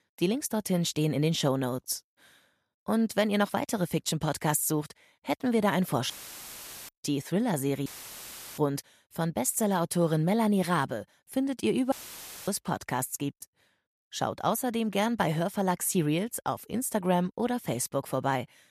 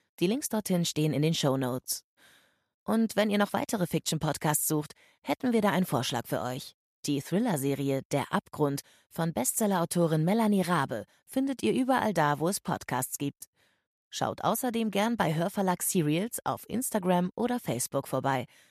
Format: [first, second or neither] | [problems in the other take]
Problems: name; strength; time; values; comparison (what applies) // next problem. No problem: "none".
second | audio cutting out; filled with static; at 6 s for 1 s, at 8 s for 0.5 s and at 12 s for 0.5 s